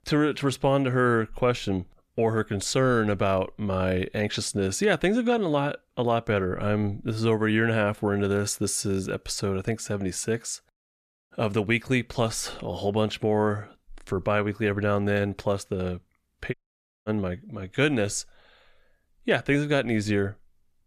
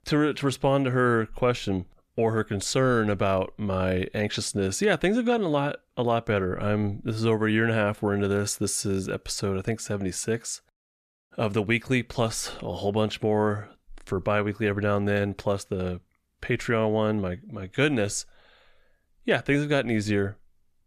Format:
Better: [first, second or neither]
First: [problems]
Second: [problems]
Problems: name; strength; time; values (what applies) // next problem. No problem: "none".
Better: second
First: audio cutting out; at 17 s for 0.5 s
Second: none